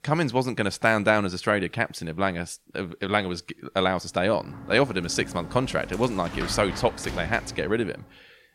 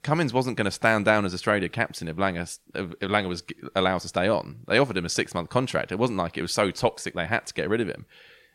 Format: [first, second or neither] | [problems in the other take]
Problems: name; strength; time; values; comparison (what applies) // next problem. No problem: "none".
second | door banging; noticeable; from 4 to 8 s; peak 8 dB below the speech